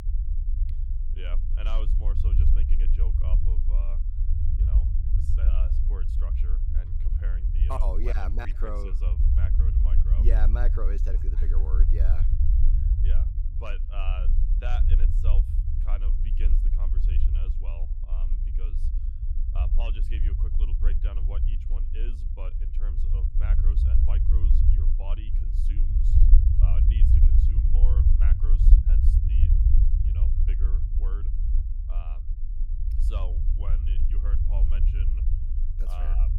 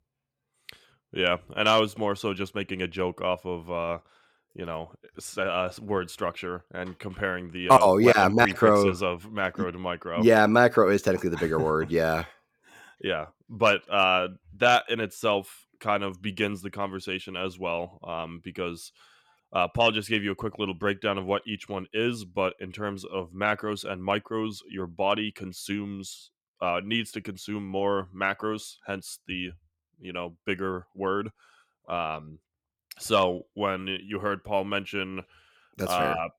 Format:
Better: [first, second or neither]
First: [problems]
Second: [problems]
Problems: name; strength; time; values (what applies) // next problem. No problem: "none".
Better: second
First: low rumble; loud; throughout; 2 dB below the speech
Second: none